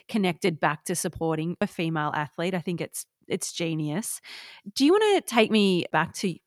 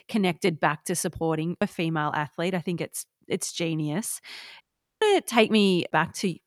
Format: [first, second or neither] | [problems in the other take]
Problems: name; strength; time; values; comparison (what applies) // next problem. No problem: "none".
first | audio cutting out; at 4.5 s